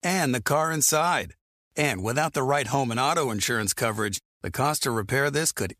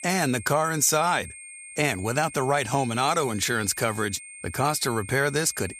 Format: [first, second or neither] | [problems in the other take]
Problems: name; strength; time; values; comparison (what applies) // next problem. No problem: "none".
first | high-pitched whine; noticeable; throughout; 8.5 kHz, 15 dB below the speech